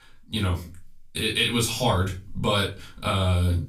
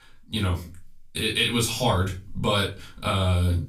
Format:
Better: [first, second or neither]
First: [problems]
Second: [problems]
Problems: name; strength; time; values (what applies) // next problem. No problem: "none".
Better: neither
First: off-mic speech; far // room echo; very slight; dies away in 0.2 s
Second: off-mic speech; far // room echo; very slight; dies away in 0.2 s